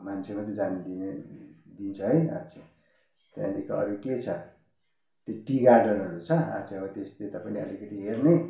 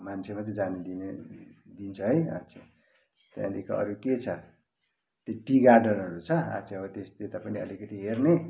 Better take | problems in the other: second | room echo; dies away in 0.4 s

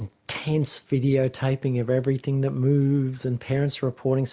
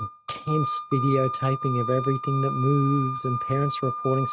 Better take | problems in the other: first | noise reduction (neural mask model RNNoise)

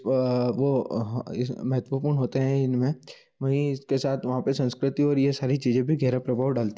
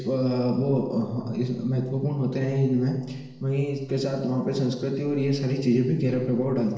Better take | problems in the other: first | room echo; dies away in 1.1 s

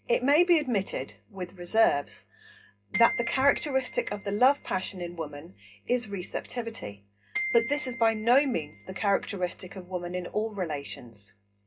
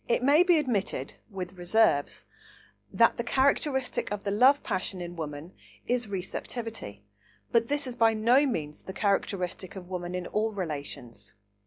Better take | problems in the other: second | background sound (Glockenspiel); 10 dB below the speech // room echo; dies away in 0.2 s

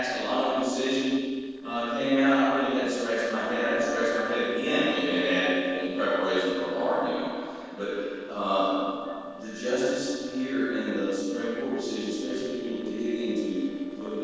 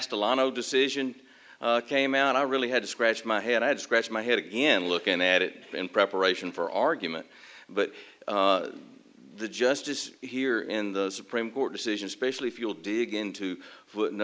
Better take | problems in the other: second | noise reduction (neural separator model SepFormer DNS4)

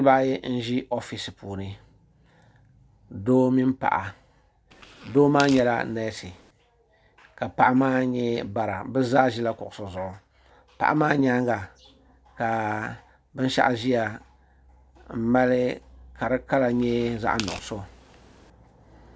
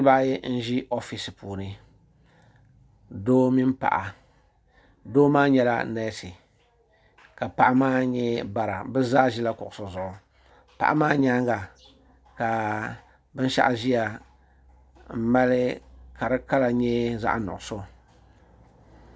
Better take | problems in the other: second | background sound (Tearing); 16 dB below the speech

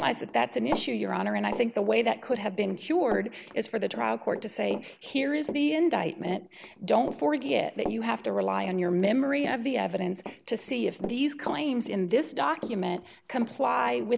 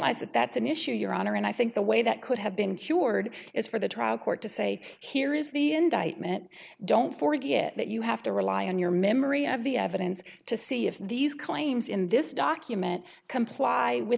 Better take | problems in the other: second | background sound (Run); 13 dB below the speech

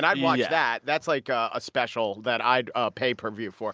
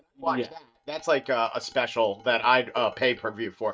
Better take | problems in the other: first | noise reduction (neural mask model DeepFilterNet 3)

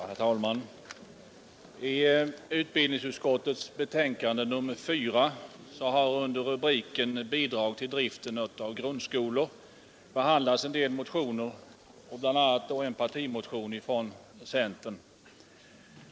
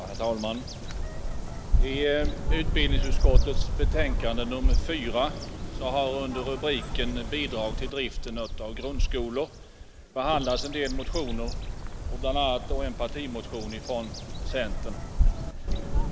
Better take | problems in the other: first | background sound (Bird vocalization, bird call, bird song); 5 dB above the speech

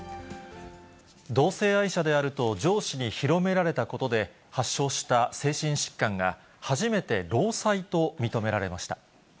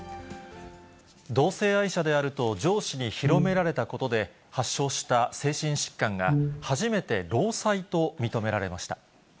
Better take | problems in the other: first | background sound (Brass instrument); as loud as the speech

